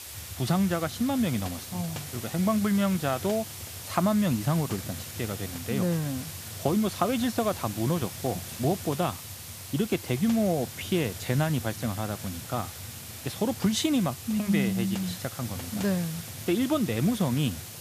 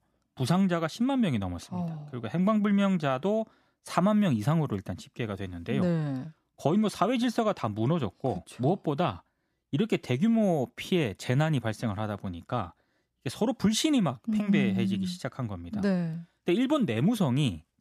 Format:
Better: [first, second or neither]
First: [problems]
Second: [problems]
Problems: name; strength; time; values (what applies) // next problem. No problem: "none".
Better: second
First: hiss; loud; throughout; 9 dB below the speech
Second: none